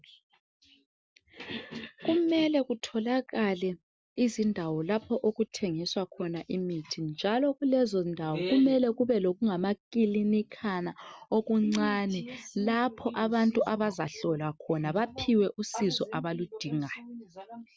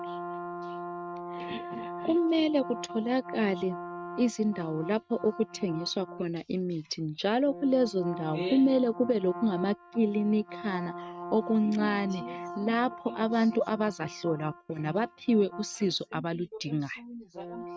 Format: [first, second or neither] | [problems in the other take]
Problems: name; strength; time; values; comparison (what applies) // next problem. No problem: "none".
first | noise reduction (neural mask model RNNoise)